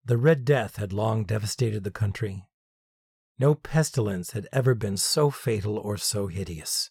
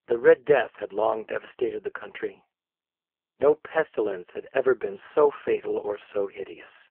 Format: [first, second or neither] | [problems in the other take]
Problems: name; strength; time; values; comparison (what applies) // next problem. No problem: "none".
first | phone-call audio; poor line